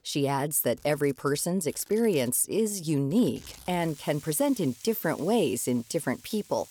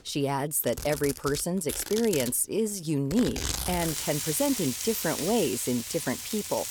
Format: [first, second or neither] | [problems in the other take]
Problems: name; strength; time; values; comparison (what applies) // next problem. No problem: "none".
first | household noises; loud; throughout; 5 dB below the speech; faint in the first